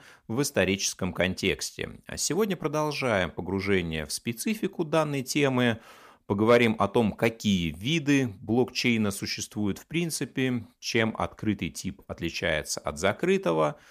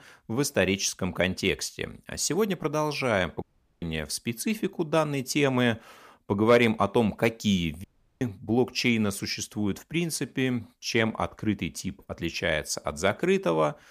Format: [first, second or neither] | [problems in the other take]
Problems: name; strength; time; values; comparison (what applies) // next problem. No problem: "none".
first | audio cutting out; at 3.5 s and at 8 s